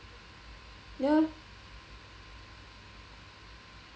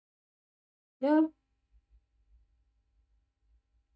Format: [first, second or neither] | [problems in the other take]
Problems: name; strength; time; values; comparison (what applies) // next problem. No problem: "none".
first | noise reduction (neural mask model DeepFilterNet 3)